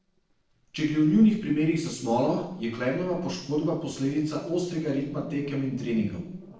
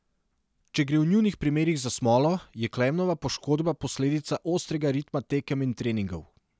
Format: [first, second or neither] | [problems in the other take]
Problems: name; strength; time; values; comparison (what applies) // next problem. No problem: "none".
second | noise reduction (neural separator model SepFormer DNS4)